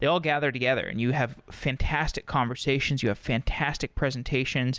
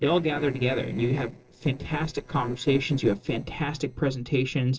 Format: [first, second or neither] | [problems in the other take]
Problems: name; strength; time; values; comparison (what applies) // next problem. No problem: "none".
first | noise reduction (neural separator model SepFormer DNS4)